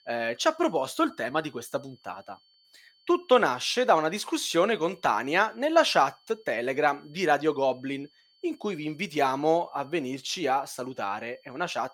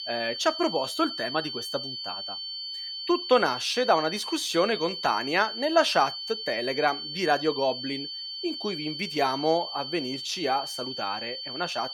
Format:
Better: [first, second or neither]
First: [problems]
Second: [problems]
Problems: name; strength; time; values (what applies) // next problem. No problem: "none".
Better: first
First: high-pitched whine; faint; throughout; 4.5 kHz, 35 dB below the speech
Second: high-pitched whine; loud; throughout; 4.5 kHz, 6 dB below the speech